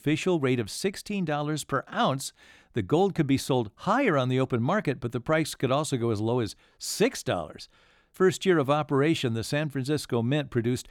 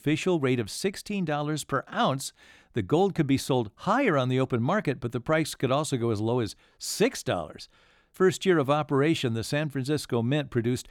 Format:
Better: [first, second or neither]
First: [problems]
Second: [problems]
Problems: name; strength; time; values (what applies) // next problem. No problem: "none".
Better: neither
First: none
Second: none